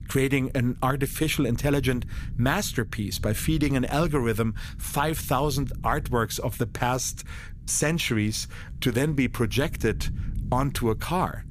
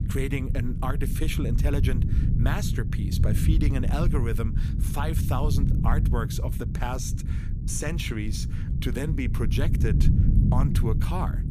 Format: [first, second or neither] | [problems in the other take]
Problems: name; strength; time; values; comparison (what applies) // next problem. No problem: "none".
first | low rumble; loud; throughout; 5 dB below the speech; faint in the first